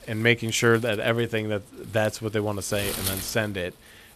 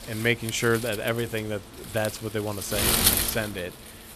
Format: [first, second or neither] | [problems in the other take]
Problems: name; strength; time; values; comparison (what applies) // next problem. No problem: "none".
first | wind noise on the microphone; heavy; 1 dB above the speech; occasional gusts in the first